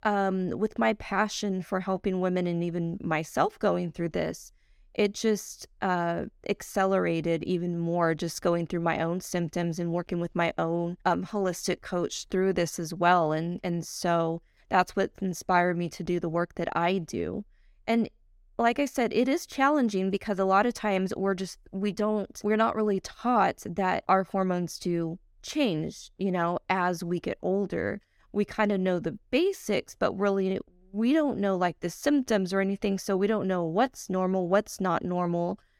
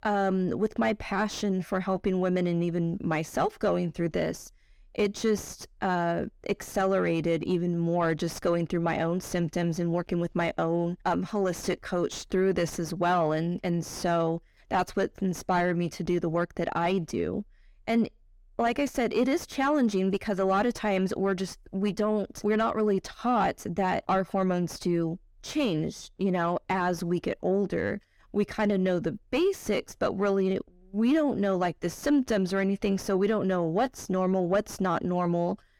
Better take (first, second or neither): first